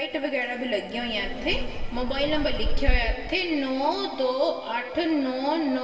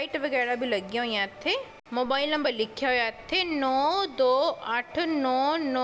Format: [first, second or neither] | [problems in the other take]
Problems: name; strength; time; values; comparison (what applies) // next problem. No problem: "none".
second | background sound (Insect); 1 dB above the speech // room echo; dies away in 2.5 s